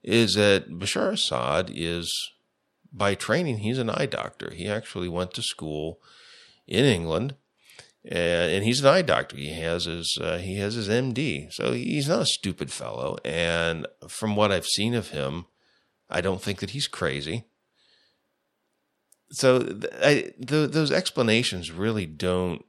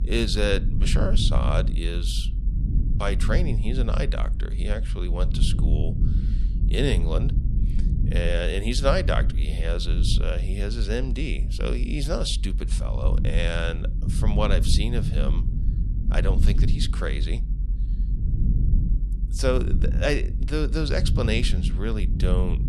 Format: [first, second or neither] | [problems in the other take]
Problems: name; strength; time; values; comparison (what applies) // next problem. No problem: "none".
first | low rumble; noticeable; throughout; 10 dB below the speech